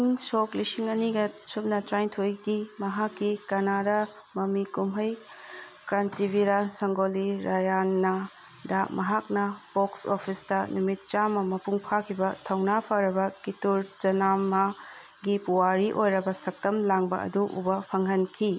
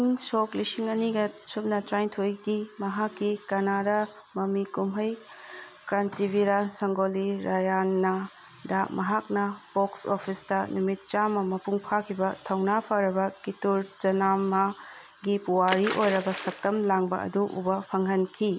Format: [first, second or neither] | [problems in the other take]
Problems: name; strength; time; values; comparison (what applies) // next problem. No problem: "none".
first | background sound (Splash, splatter); 11 dB below the speech